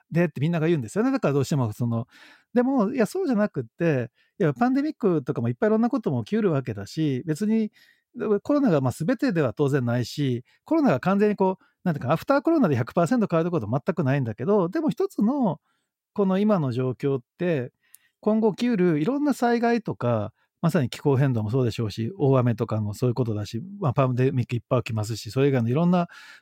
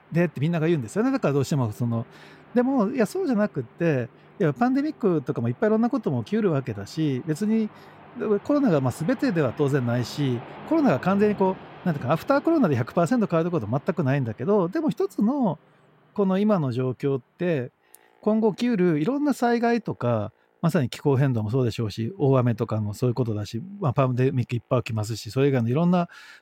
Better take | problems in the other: first | train or aircraft noise; faint; throughout; 20 dB below the speech

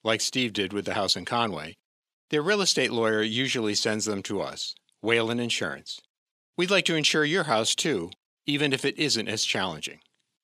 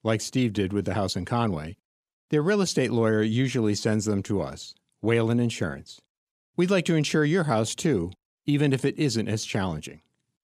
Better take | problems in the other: second | thin; somewhat; fading below 1 kHz

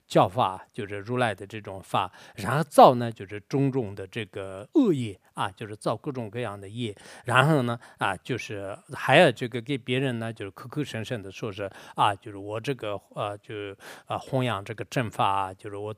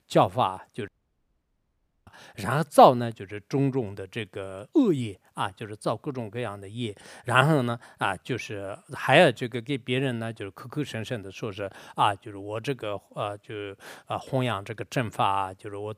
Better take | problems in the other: first | audio cutting out; at 1 s for 1 s

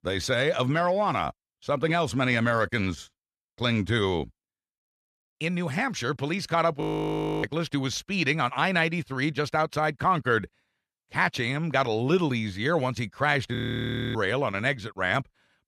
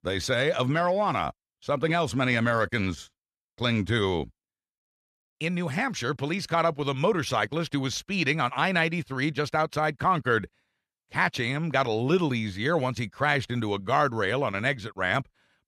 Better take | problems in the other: second | audio freezing; at 7 s for 0.5 s and at 14 s for 0.5 s

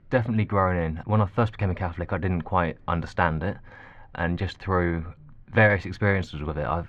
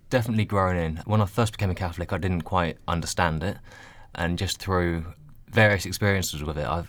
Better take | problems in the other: second | muffled; very; fading above 2 kHz

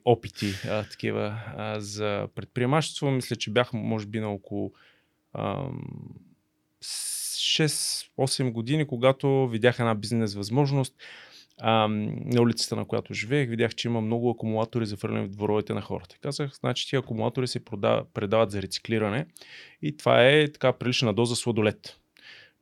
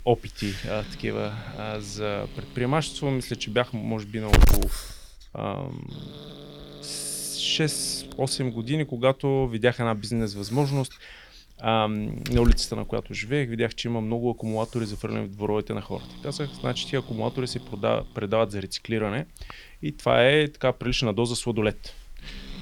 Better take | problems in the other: first | hiss; loud; throughout; 6 dB below the speech

